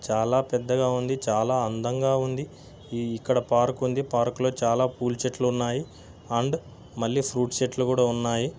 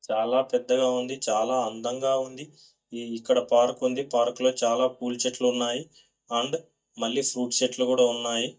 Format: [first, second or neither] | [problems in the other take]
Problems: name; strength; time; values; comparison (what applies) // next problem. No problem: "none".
first | noise reduction (neural mask model DeepFilterNet 3)